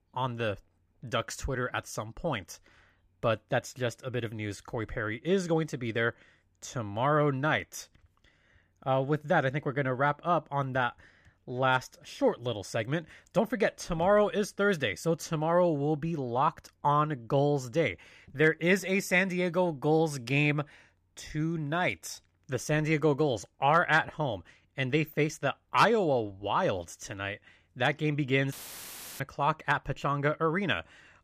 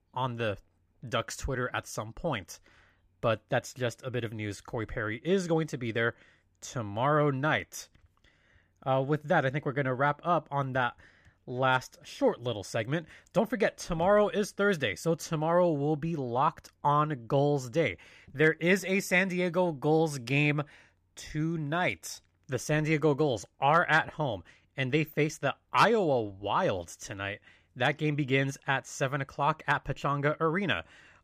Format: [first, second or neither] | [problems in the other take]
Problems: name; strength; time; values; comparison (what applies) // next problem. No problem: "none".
second | audio cutting out; filled with static; at 29 s for 0.5 s